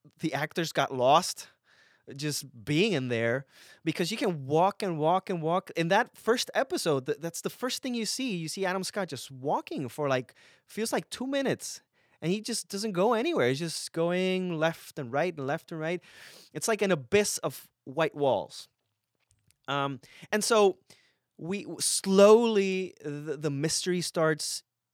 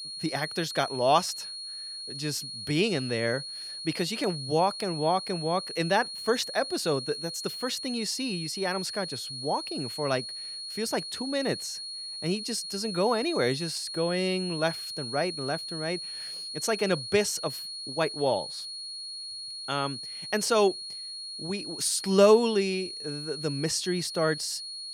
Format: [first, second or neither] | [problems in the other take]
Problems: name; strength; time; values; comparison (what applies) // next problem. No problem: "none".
first | high-pitched whine; loud; throughout; 4.5 kHz, 7 dB below the speech